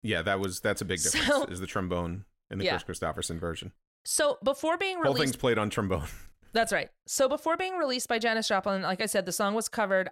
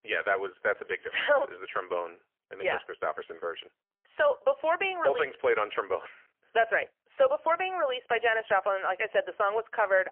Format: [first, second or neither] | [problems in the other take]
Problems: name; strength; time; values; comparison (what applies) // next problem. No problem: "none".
first | phone-call audio; poor line; nothing above 3 kHz